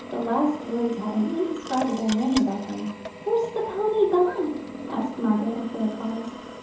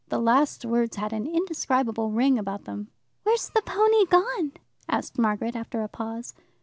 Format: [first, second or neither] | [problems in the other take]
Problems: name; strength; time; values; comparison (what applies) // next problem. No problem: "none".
second | background sound (Drill); 12 dB below the speech // room echo; dies away in 2.8 s